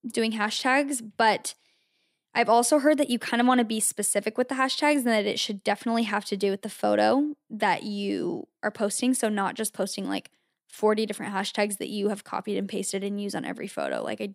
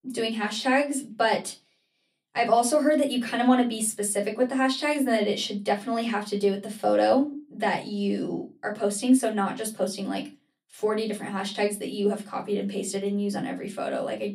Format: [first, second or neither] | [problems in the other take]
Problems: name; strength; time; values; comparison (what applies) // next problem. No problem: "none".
first | off-mic speech; far // room echo; very slight; dies away in 0.2 s